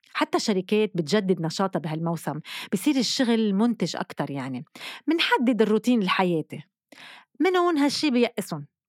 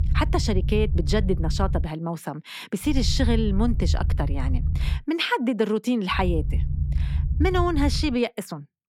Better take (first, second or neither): first